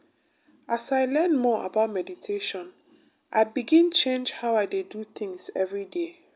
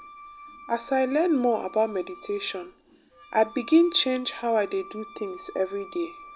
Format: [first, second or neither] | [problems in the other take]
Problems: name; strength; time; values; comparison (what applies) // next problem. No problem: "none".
first | background sound (Wind instrument, woodwind instrument); 19 dB below the speech